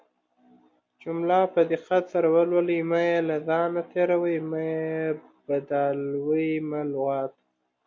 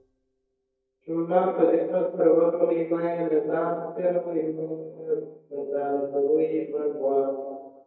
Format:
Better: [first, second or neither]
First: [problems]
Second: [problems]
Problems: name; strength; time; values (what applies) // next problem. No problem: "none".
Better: first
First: none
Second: noise reduction (neural mask model DeepFilterNet 3)